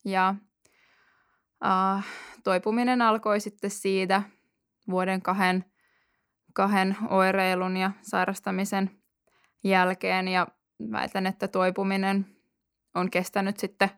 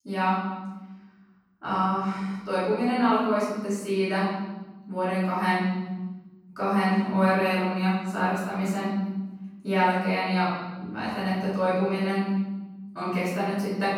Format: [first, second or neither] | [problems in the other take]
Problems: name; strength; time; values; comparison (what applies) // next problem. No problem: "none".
first | off-mic speech; far // room echo; strong; dies away in 1.9 s